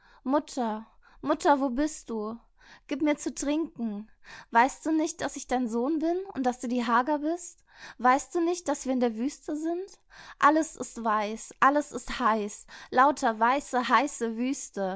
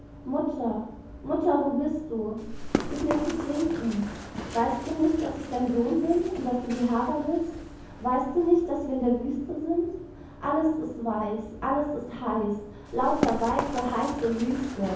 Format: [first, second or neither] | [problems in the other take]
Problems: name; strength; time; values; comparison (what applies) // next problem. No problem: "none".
first | background sound (Run); 10 dB below the speech // room echo; dies away in 0.9 s